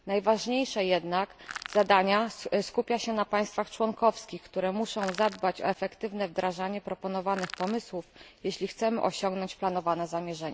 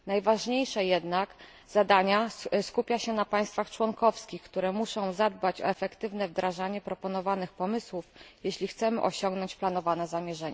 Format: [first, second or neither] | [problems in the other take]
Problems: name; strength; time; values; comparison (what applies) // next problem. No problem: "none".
second | background sound (Crushing); 14 dB below the speech